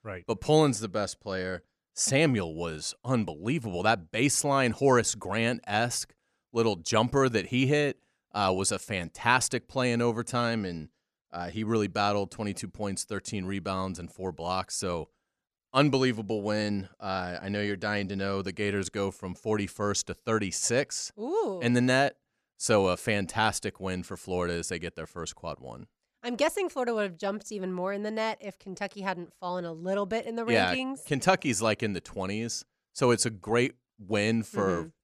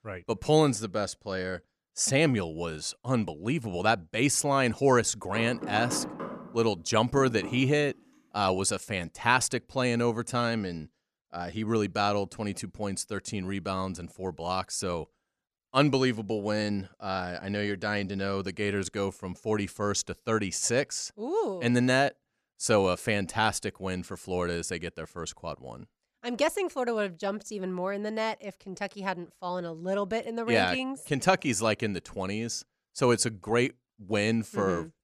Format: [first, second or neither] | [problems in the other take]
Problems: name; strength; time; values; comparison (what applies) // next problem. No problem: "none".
first | door banging; noticeable; from 5.5 to 8 s; peak 6 dB below the speech